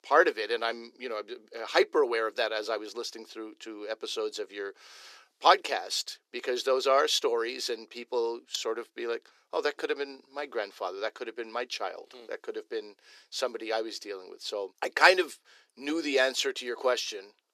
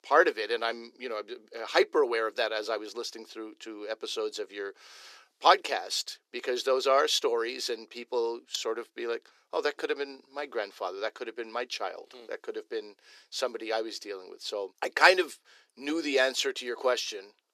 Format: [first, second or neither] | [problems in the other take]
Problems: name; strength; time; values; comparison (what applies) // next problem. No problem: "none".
neither | thin; very; fading below 350 Hz; the same in both